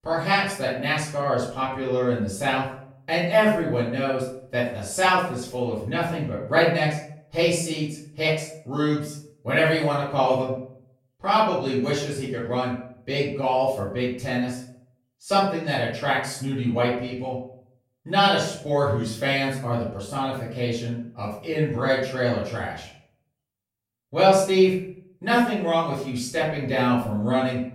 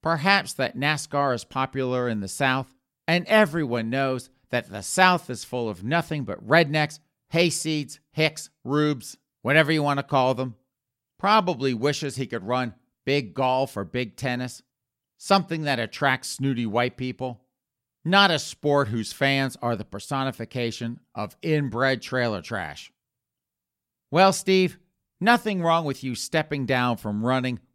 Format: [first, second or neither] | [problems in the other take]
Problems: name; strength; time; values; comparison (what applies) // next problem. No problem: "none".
second | off-mic speech; far // room echo; noticeable; dies away in 0.5 s